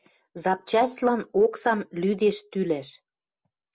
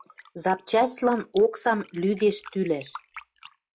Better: first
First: none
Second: noise reduction (classical method log-MMSE)

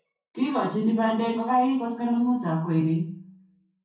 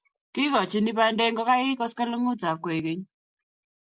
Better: second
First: room echo; dies away in 0.5 s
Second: none

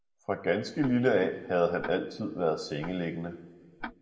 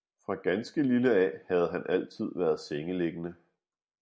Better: second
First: background sound (Tick-tock); 18 dB below the speech // room echo; dies away in 1.5 s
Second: none

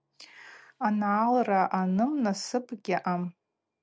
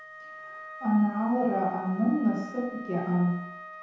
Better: first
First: none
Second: background sound (Wind instrument, woodwind instrument); 15 dB below the speech // room echo; dies away in 0.9 s

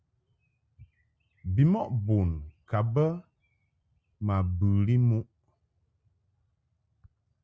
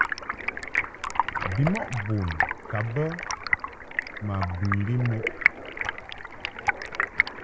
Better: first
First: none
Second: background sound (Stream); 1 dB above the speech

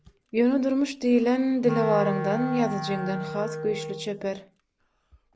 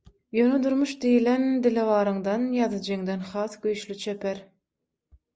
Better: second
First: background sound (Wind instrument, woodwind instrument); 8 dB below the speech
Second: none

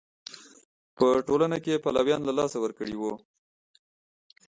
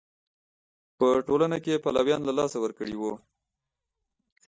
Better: first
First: none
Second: noise reduction (neural mask model DeepFilterNet 3)

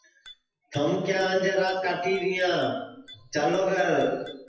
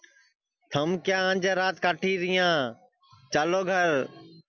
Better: second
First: noise reduction (classical method WPE with log-MMSE)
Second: none

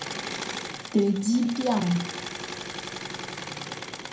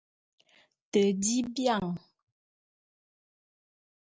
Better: second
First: background sound (Engine / Mechanisms); 7 dB below the speech // room echo; dies away in 0.4 s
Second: none

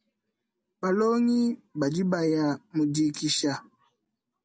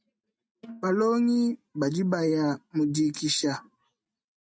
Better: first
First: none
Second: noise reduction (neural mask model RNNoise)

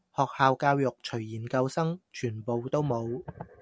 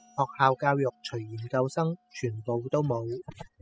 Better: first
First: none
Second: noise reduction (classical method spectral subtraction)

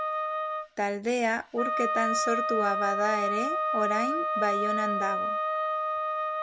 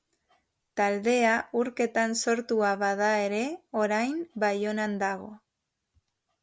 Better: second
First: background sound (Wind instrument, woodwind instrument); 2 dB above the speech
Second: none

